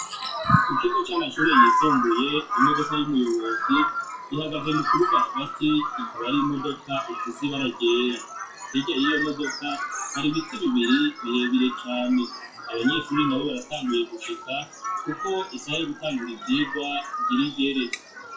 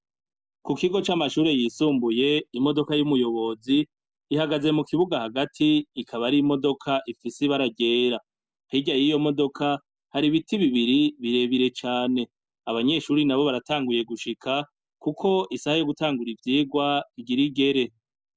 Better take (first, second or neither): second